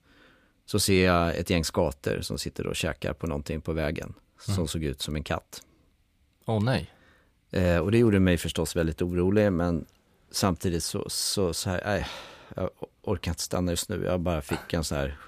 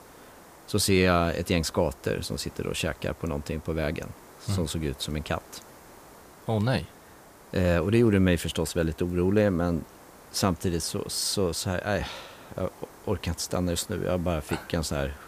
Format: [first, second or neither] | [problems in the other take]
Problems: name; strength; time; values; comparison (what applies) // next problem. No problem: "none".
first | hiss; faint; throughout; 20 dB below the speech